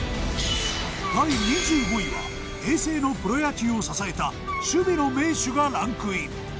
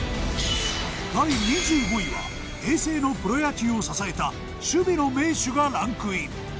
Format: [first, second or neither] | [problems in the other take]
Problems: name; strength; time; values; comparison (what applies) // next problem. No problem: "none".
second | background sound (Wind instrument, woodwind instrument); 12 dB below the speech